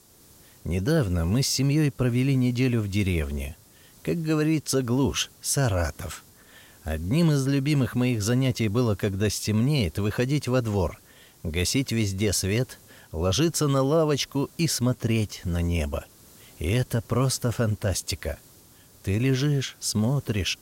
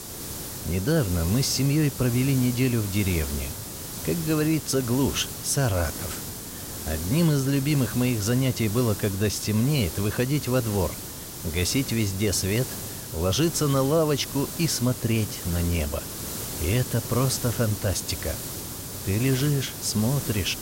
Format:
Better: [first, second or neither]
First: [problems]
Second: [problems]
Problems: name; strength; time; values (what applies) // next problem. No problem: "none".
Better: first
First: hiss; faint; throughout; 25 dB below the speech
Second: hiss; loud; throughout; 8 dB below the speech